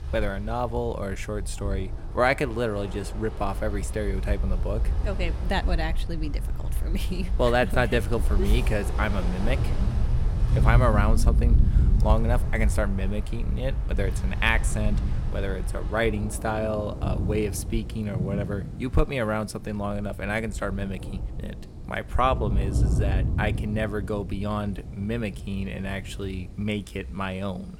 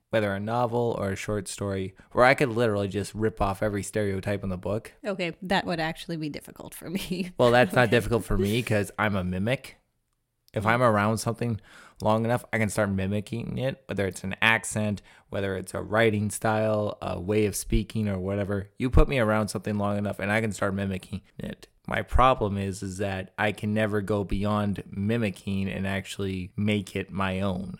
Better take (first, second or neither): second